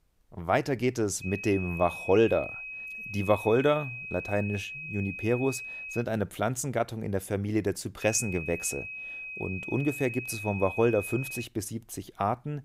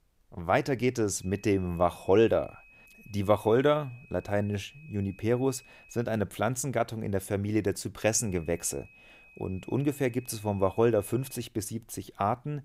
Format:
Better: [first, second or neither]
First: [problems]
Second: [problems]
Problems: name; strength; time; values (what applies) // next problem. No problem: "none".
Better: second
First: high-pitched whine; loud; from 1 to 6 s and from 8 to 11 s; 2.5 kHz, 8 dB below the speech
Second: high-pitched whine; faint; from 1 to 6 s and from 8 to 11 s; 2.5 kHz, 25 dB below the speech